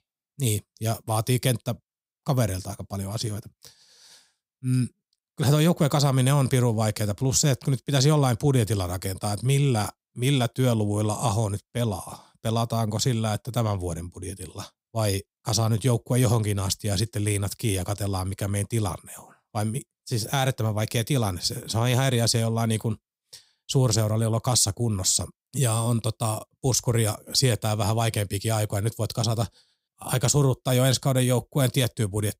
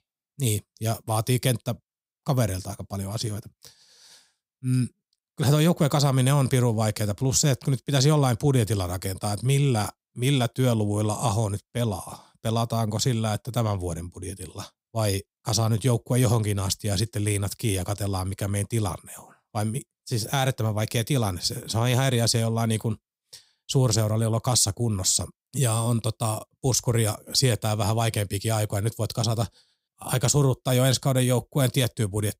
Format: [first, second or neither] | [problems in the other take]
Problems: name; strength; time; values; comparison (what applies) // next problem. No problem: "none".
neither | none